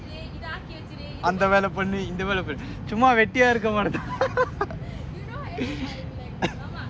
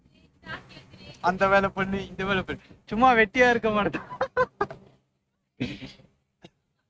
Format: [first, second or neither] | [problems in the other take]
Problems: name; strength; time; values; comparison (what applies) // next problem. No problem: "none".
first | noise reduction (neural mask model RNNoise)